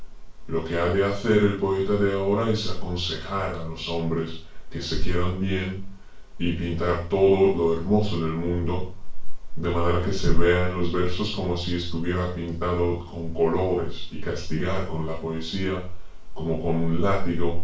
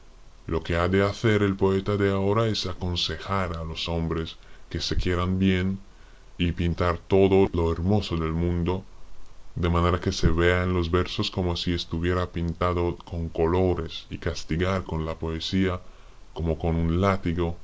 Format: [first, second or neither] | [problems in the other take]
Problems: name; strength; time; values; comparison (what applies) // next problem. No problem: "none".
second | room echo; dies away in 0.4 s